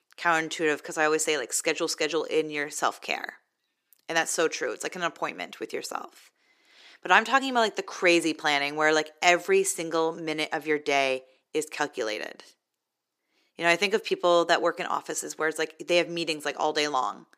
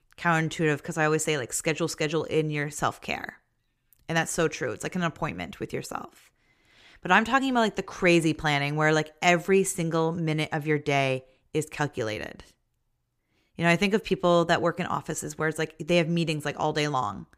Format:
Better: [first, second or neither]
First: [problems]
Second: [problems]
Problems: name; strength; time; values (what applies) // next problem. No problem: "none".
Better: second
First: thin; somewhat; fading below 300 Hz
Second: none